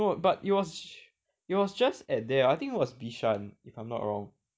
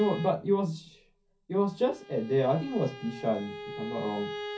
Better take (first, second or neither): first